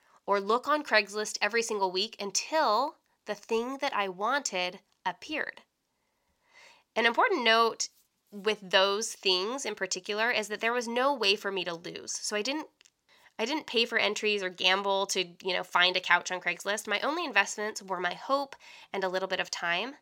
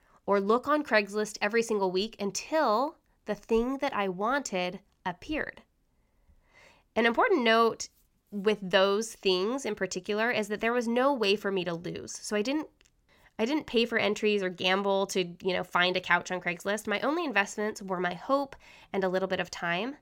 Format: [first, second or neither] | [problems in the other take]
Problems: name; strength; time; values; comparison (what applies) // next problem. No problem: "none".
second | thin; very slightly; fading below 500 Hz